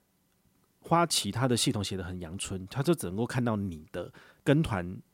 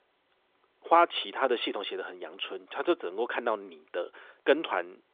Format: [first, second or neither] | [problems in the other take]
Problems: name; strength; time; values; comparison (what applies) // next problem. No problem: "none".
first | phone-call audio